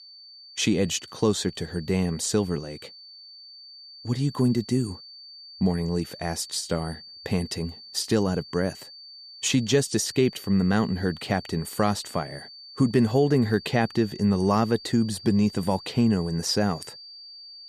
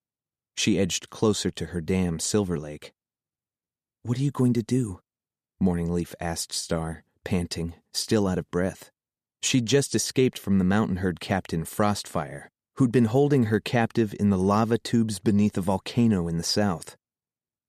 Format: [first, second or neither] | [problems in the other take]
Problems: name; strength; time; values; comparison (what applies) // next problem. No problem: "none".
second | high-pitched whine; noticeable; throughout; 4.5 kHz, 15 dB below the speech